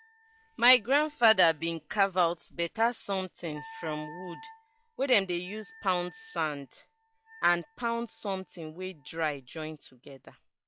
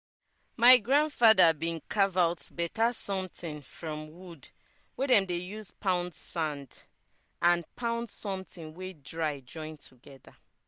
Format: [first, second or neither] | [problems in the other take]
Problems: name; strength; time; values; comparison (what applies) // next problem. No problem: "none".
second | noise reduction (classical method log-MMSE)